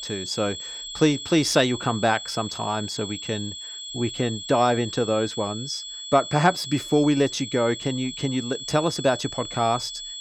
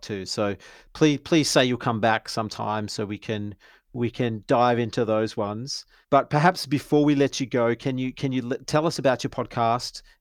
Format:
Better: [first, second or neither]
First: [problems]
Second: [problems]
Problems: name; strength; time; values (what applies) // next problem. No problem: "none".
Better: second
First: high-pitched whine; loud; throughout; 3.5 kHz, 9 dB below the speech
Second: none